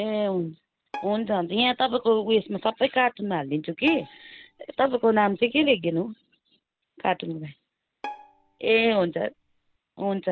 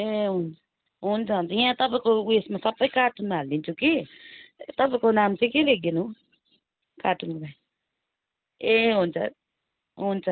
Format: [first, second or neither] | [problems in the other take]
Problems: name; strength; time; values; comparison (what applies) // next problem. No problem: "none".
second | background sound (Bowed string instrument); 18 dB below the speech